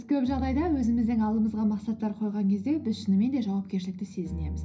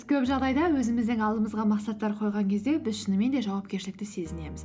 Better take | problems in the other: second | room echo; dies away in 0.5 s

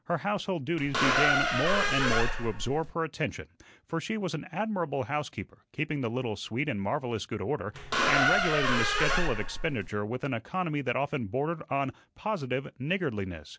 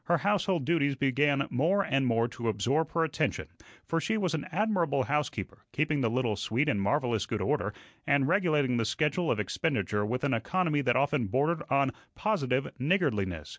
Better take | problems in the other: second | background sound (Squeak); 4 dB above the speech

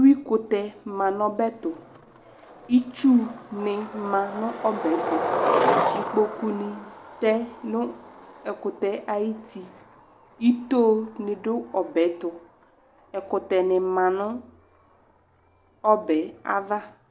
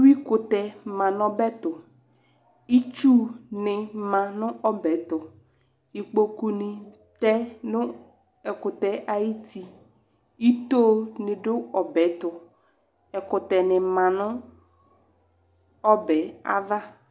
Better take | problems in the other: second | background sound (Skateboard); 7 dB below the speech

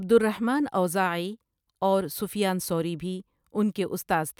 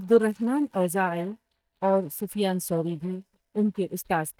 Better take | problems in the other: first | noise reduction (neural mask model DeepFilterNet 3)

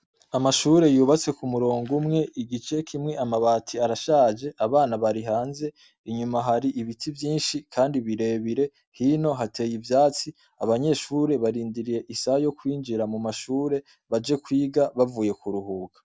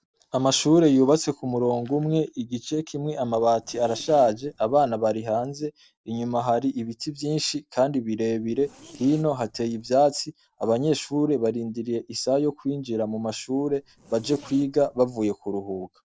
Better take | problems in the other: first | noise reduction (neural separator model SepFormer DNS4)

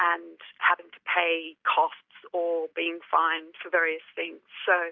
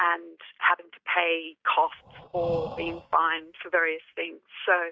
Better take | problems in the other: first | noise reduction (neural mask model RNNoise)

